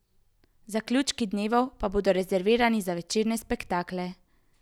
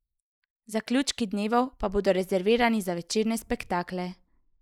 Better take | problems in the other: first | noise reduction (neural mask model Resemble Enhance denoiser)

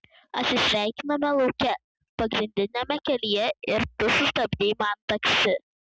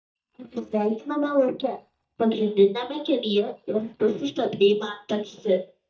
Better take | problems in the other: first | noise reduction (neural mask model DeepFilterNet 3)

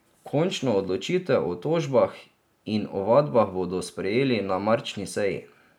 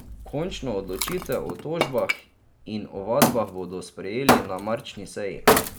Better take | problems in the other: first | background sound (Wood); 3 dB above the speech

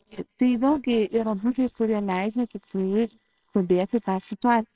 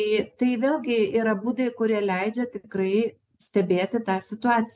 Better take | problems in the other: second | noise reduction (neural separator model SepFormer WHAMR!)

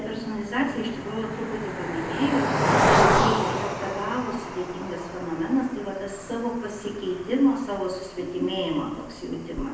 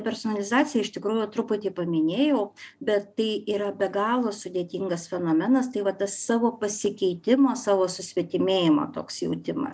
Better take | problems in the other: second | background sound (Cricket); 1 dB above the speech // room echo; dies away in 0.8 s

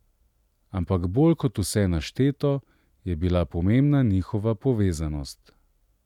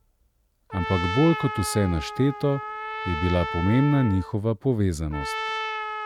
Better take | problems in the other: first | background sound (Trumpet); 8 dB below the speech

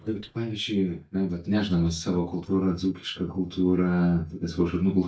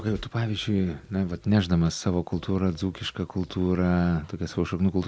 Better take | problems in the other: second | noise reduction (neural mask model DeepFilterNet 3)

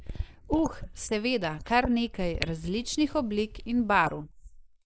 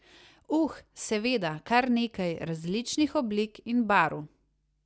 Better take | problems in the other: second | noise reduction (neural mask model Resemble Enhance denoiser)

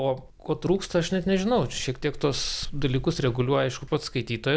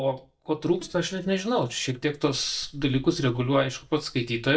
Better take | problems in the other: first | noise reduction (neural mask model DeepFilterNet 3)

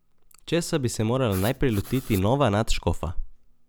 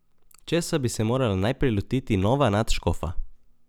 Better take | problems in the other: second | background sound (Writing); 17 dB below the speech

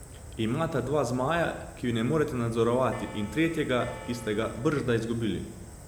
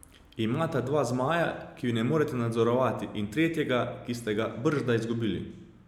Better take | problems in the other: second | background sound (Bell + Fire); 15 dB below the speech

